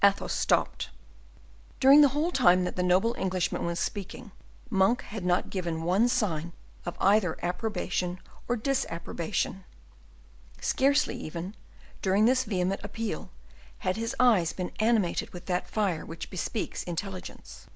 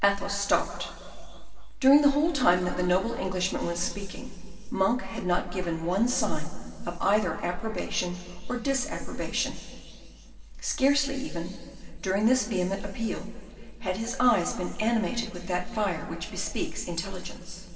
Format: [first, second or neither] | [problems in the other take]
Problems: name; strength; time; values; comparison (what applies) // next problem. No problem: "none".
first | background sound (Accordion); 19 dB below the speech // room echo; dies away in 2.5 s